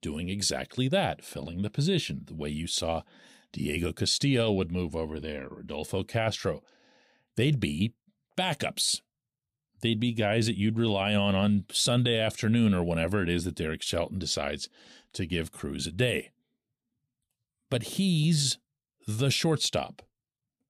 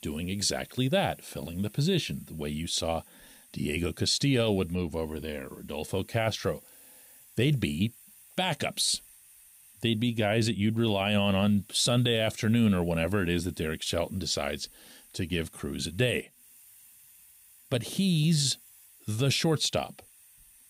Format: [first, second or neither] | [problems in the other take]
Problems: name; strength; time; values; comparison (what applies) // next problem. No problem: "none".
first | hiss; faint; throughout; 25 dB below the speech